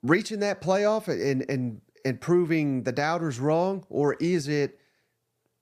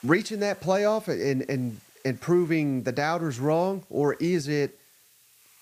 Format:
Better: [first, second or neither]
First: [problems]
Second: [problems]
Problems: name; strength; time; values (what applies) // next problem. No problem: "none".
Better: first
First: none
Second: hiss; faint; throughout; 30 dB below the speech